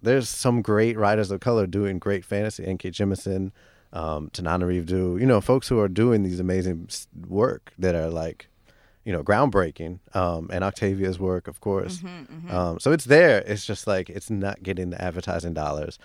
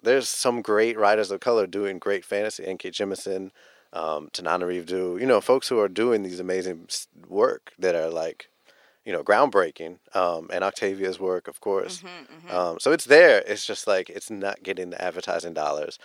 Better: first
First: none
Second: thin; somewhat; fading below 450 Hz

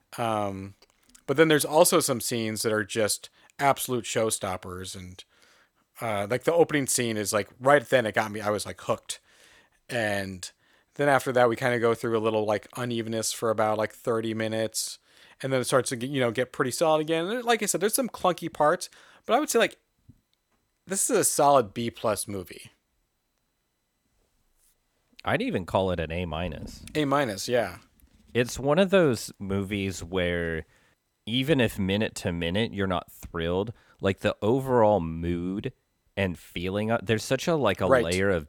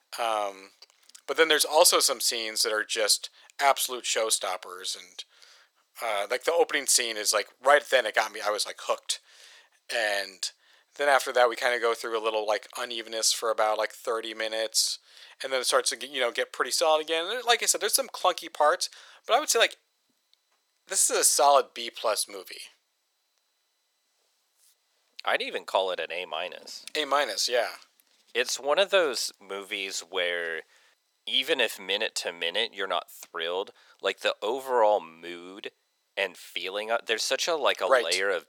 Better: first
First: none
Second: thin; very; fading below 500 Hz

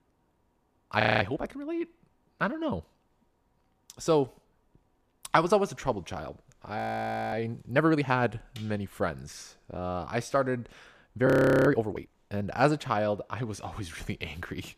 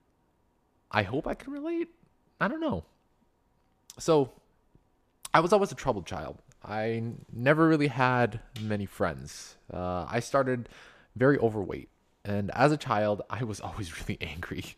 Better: second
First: audio freezing; at 1 s, at 7 s for 0.5 s and at 11 s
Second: none

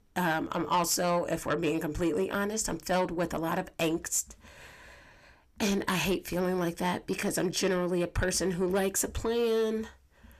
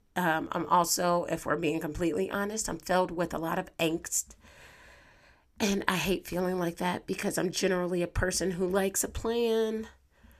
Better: second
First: distortion; slight; 10 dB below the speech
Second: none

